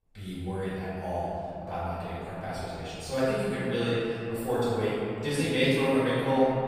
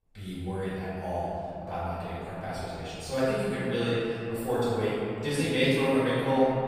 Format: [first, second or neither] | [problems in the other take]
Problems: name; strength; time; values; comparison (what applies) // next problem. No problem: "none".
neither | room echo; strong; dies away in 2.6 s; the same in both // off-mic speech; far; the same in both